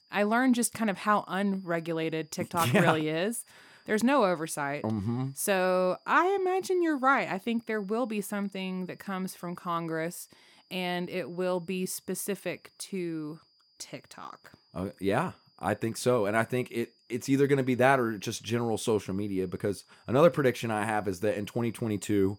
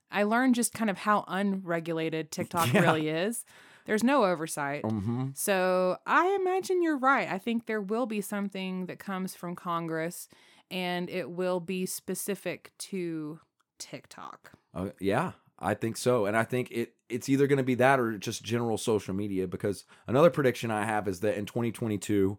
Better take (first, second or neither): second